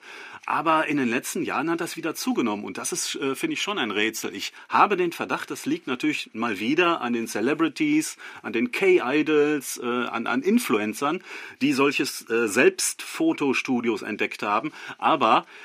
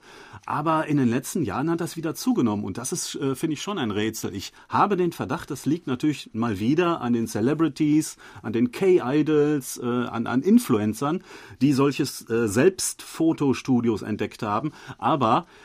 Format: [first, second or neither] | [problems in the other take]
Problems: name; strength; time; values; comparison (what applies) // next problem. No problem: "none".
second | thin; very slightly; fading below 300 Hz